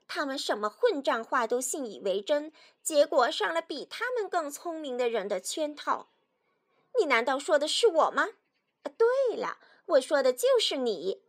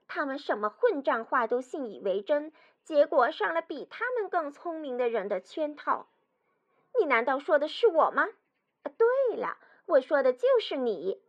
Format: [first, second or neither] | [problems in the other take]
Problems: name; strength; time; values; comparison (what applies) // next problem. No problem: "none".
first | muffled; very; fading above 2 kHz